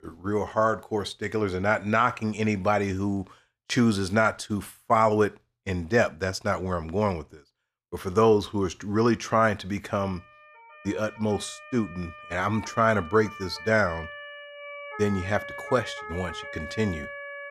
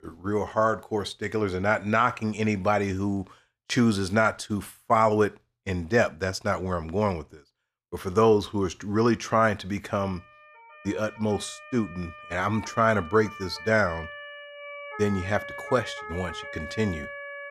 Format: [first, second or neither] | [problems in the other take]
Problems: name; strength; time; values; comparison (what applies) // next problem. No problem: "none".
neither | siren; faint; from 10 s on; peak 10 dB below the speech; the same in both